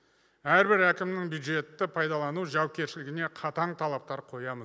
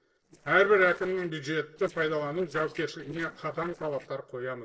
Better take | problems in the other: first | noise reduction (neural separator model SepFormer DNS4)

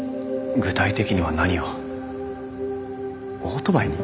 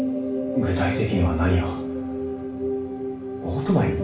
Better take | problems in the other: first | room echo; dies away in 0.3 s

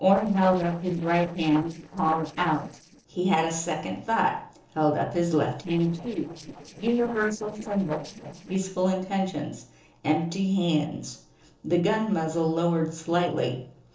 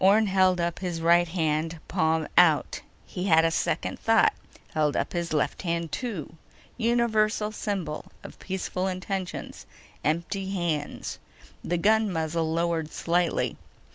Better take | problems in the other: second | noise reduction (neural separator model SepFormer DNS4)

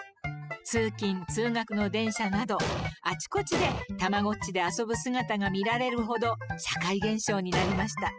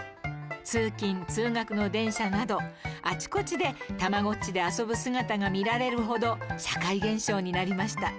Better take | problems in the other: second | noise reduction (classical method spectral subtraction)

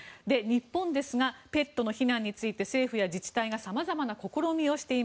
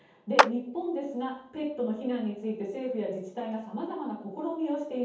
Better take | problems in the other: first | background sound (Clapping); 4 dB above the speech // room echo; dies away in 0.7 s

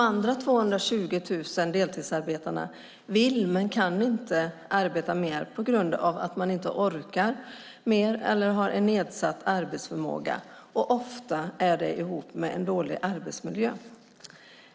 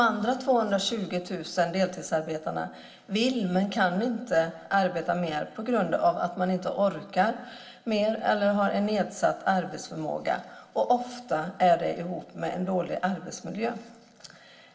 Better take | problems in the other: first | room echo; dies away in 0.7 s

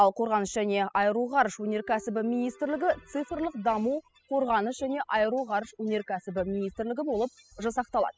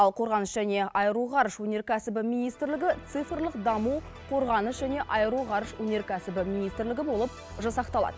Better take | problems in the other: second | noise reduction (classical method spectral subtraction)

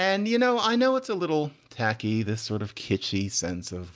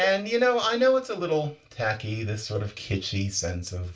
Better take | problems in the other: first | background sound (Cowbell); 17 dB below the speech // room echo; dies away in 0.2 s

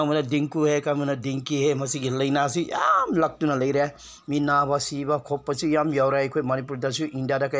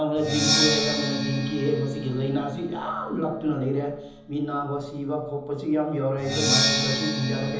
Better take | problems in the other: first | background sound (Percussion); 1 dB below the speech // room echo; dies away in 1.3 s

